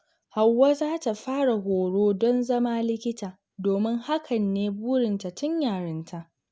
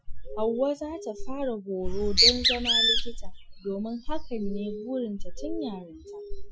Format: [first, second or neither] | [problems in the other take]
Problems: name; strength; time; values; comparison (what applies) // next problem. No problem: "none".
first | noise reduction (classical method Wiener filter)